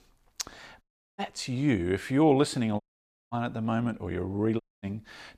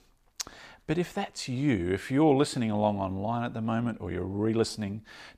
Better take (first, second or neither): second